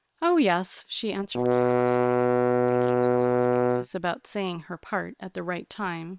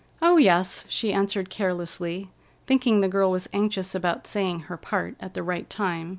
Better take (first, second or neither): second